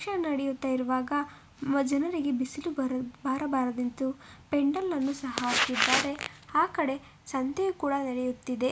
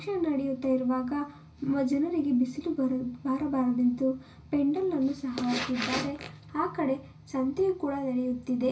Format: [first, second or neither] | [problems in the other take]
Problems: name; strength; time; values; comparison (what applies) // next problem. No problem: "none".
first | room echo; dies away in 0.4 s